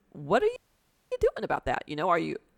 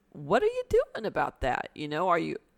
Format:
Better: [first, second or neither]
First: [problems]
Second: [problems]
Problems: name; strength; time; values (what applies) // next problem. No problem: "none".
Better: second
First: audio freezing; at 0.5 s for 0.5 s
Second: none